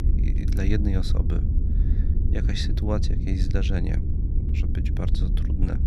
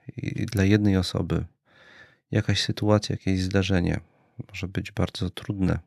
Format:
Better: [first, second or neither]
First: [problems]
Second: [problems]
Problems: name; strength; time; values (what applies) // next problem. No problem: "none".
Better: second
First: low rumble; loud; throughout; 5 dB below the speech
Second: none